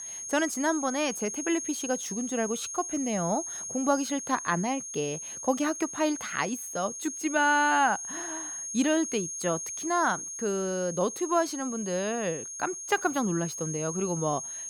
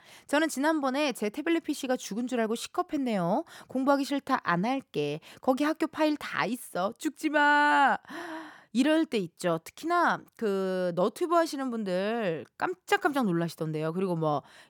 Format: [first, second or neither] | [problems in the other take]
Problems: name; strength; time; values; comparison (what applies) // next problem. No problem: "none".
second | high-pitched whine; loud; throughout; 6.5 kHz, 6 dB below the speech